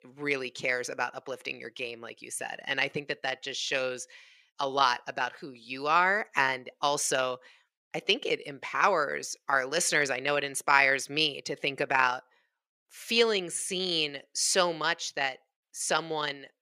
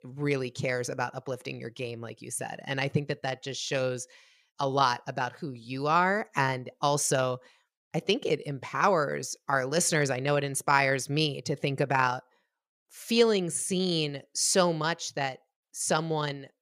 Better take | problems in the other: second | thin; somewhat; fading below 250 Hz

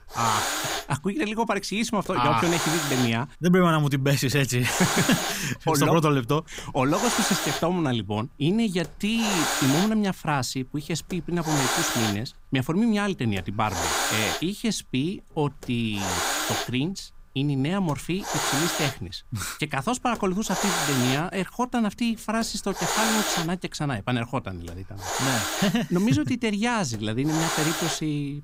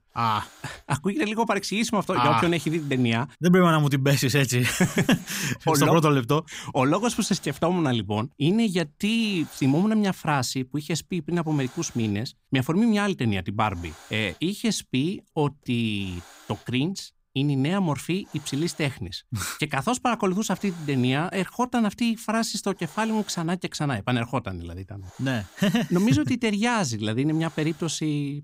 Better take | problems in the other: second | hiss; loud; throughout; 1 dB below the speech; faint in the second

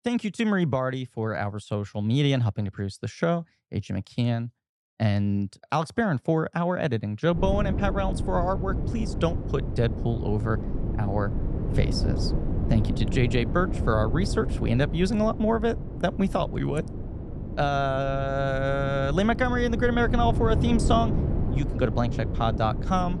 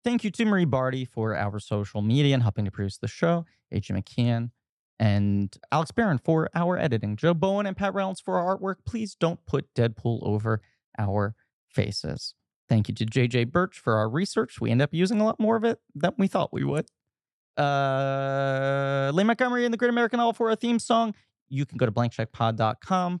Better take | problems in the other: second | wind noise on the microphone; occasional gusts; from 7.5 s on; 10 dB below the speech

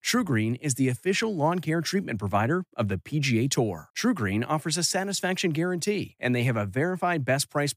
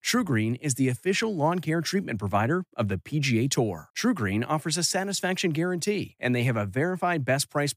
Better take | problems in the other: neither | none

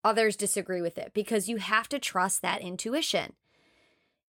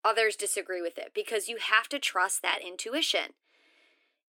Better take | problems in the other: first | thin; somewhat; fading below 300 Hz

